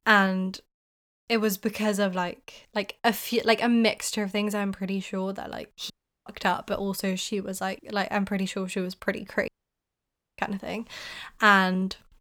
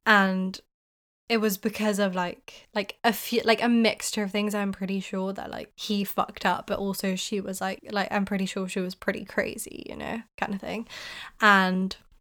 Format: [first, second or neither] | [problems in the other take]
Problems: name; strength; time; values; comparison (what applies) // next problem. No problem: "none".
second | audio cutting out; at 6 s and at 9.5 s for 1 s